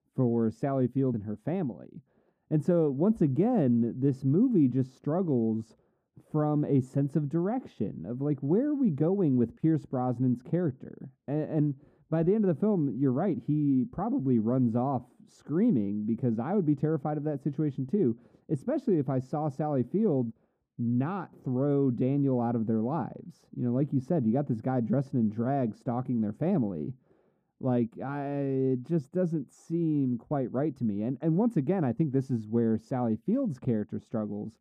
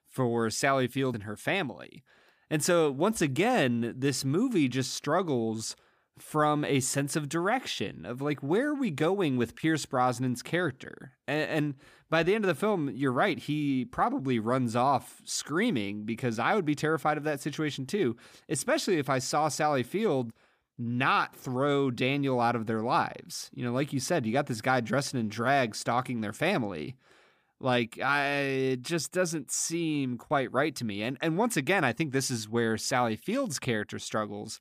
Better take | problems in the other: second | muffled; very; fading above 1 kHz

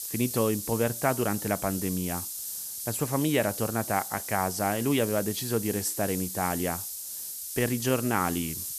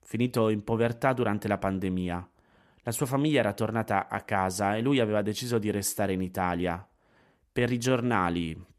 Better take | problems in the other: second | hiss; loud; throughout; 5 dB below the speech

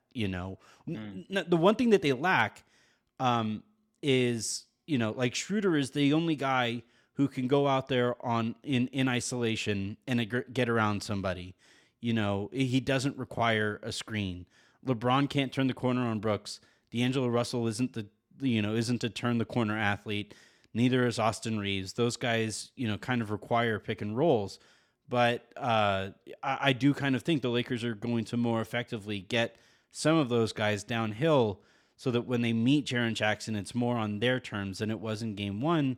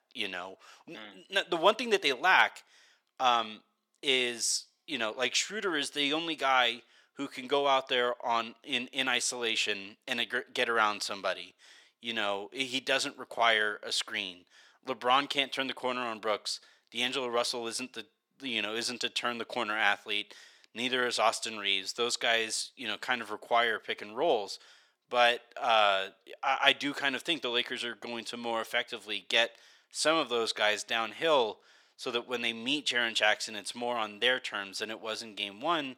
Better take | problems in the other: first | thin; very; fading below 600 Hz

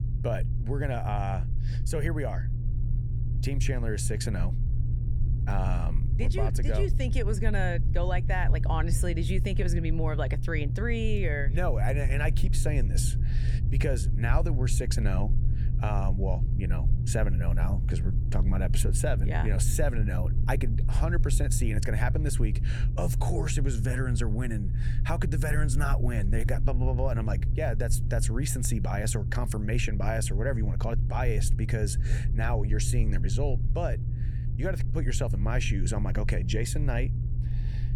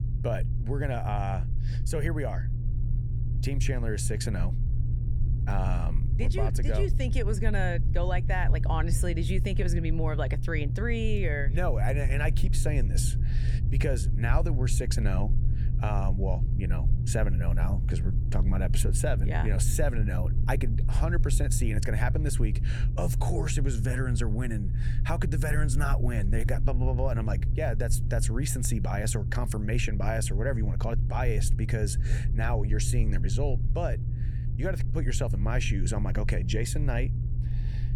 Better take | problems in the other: neither | low rumble; loud; throughout; 9 dB below the speech; the same in both

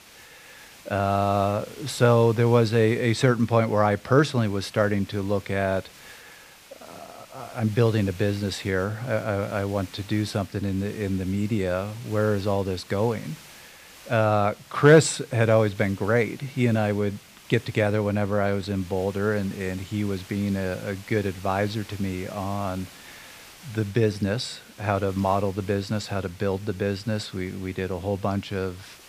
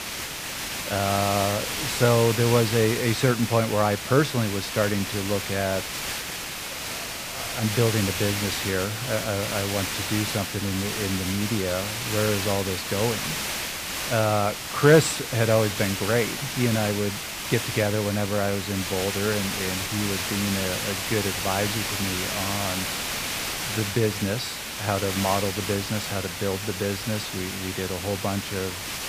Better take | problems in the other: first | hiss; loud; throughout; 3 dB below the speech; faint in the first

